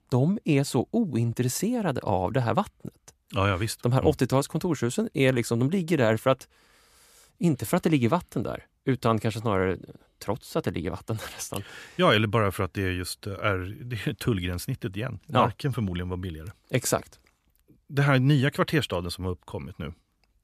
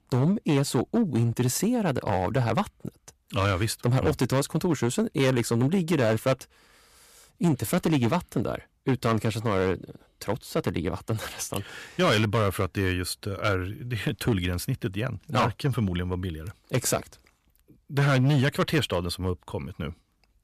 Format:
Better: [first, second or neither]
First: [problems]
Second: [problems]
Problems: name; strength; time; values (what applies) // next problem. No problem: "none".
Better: first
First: none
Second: distortion; slight; 7% of the sound clipped